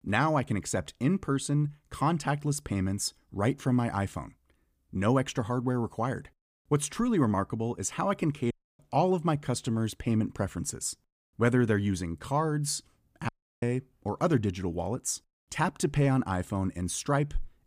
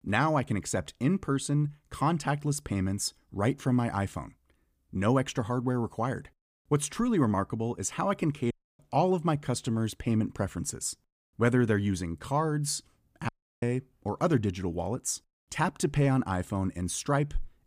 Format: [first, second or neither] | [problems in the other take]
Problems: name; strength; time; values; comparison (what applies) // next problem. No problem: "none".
neither | audio cutting out; at 8.5 s and at 13 s; the same in both